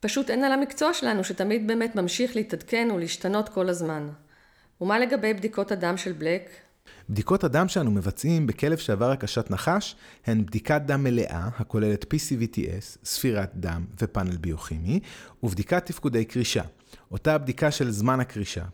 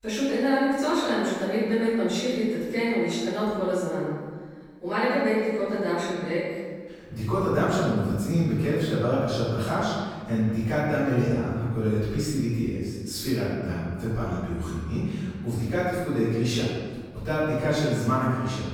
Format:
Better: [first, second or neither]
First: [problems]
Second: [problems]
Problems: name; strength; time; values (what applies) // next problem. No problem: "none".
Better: first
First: none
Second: off-mic speech; far // room echo; strong; dies away in 1.4 s